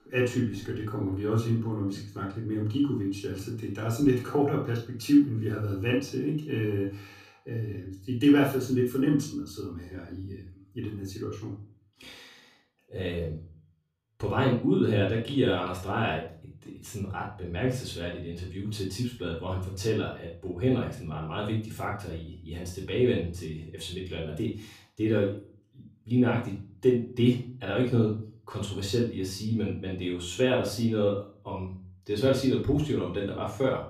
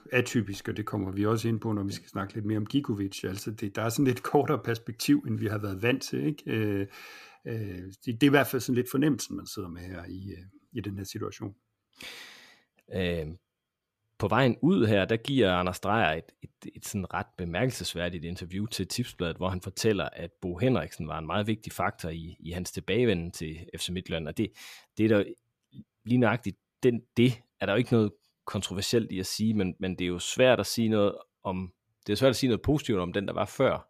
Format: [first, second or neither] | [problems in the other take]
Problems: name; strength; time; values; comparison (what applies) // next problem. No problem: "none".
second | off-mic speech; far // room echo; slight; dies away in 0.4 s